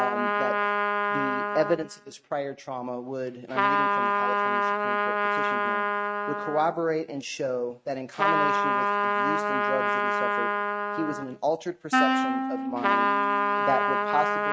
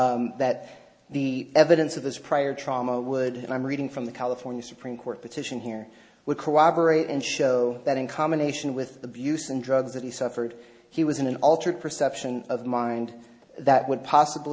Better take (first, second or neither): second